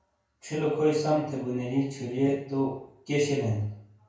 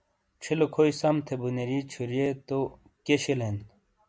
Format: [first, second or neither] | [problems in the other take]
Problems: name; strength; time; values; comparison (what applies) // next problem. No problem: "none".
second | room echo; dies away in 0.5 s